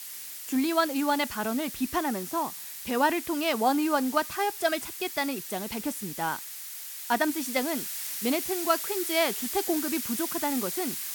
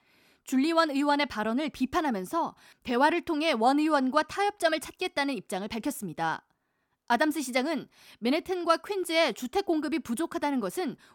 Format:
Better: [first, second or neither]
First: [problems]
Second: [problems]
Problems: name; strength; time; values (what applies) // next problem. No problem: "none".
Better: second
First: hiss; loud; throughout; 5 dB below the speech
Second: none